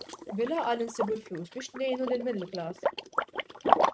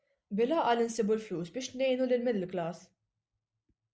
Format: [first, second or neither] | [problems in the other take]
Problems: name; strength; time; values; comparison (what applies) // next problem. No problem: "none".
second | noise reduction (neural mask model RNNoise)